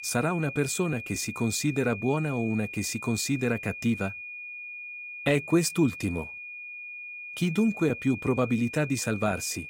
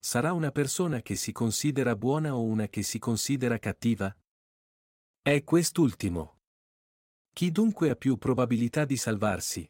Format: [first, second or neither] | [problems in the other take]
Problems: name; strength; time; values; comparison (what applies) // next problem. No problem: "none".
second | high-pitched whine; loud; throughout; 2.5 kHz, 10 dB below the speech